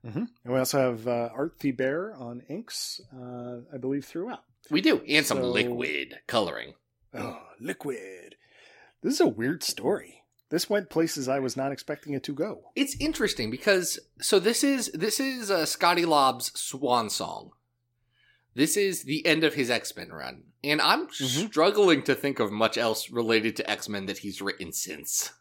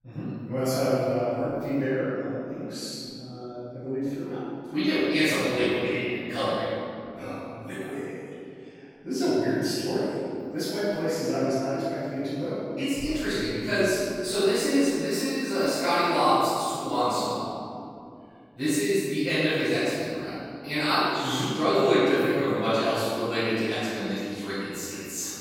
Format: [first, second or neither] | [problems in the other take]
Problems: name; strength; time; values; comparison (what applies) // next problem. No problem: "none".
first | off-mic speech; far // room echo; strong; dies away in 2.5 s